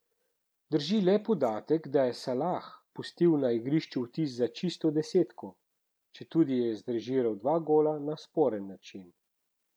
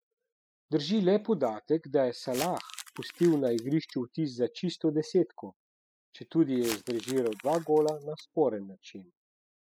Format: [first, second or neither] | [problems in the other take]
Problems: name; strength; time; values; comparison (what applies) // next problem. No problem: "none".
first | noise reduction (classical method spectral subtraction)